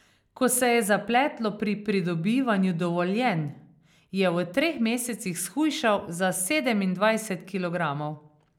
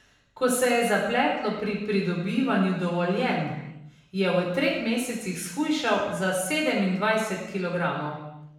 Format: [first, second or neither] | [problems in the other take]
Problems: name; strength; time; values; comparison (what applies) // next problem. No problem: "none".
first | room echo; dies away in 0.9 s